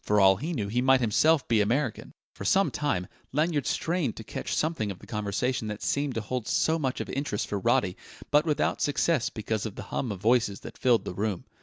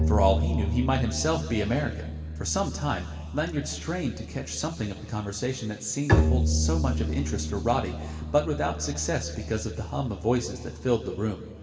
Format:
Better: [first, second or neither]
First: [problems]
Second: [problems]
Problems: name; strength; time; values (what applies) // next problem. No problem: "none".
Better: first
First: none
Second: background sound (Bowed string instrument); 1 dB below the speech // room echo; dies away in 2 s